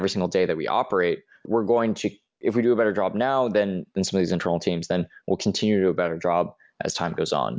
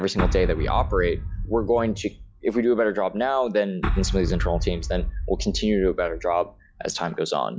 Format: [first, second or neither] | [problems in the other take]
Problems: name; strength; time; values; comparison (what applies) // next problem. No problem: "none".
first | noise reduction (classical method log-MMSE)